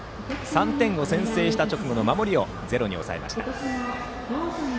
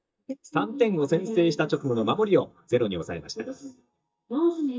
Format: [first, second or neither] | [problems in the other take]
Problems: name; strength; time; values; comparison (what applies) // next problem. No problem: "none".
first | noise reduction (neural mask model DeepFilterNet 3)